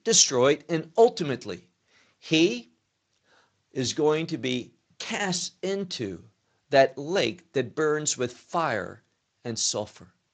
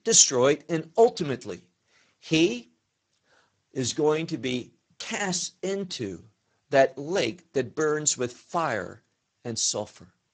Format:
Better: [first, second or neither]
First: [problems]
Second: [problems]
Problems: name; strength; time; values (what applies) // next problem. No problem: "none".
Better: first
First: garbled, watery; slightly; nothing above 7.5 kHz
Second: garbled, watery; badly; nothing above 7.5 kHz